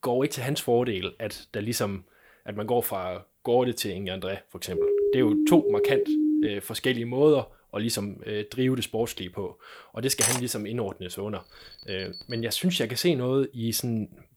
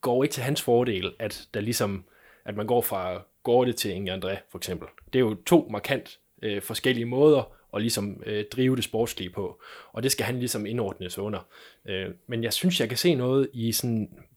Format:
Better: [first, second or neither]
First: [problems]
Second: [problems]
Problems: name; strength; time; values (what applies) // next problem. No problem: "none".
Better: second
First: siren; loud; from 4.5 to 6.5 s; peak 4 dB above the speech // clattering dishes; loud; at 10 s; peak 3 dB above the speech // alarm; faint; from 11 to 13 s; peak 10 dB below the speech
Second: none